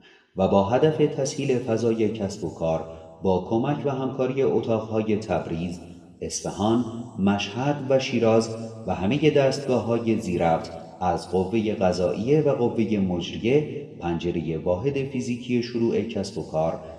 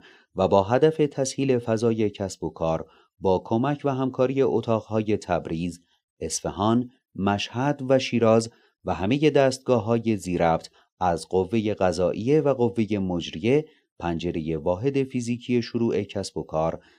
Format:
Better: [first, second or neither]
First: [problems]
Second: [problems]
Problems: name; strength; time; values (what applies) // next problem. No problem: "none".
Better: second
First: room echo; slight; dies away in 1.6 s // off-mic speech; somewhat distant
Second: none